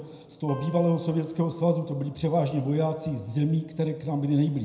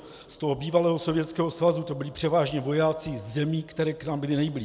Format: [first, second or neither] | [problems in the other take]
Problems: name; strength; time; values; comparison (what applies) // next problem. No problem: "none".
second | background sound (Acoustic guitar); 19 dB below the speech // room echo; dies away in 0.7 s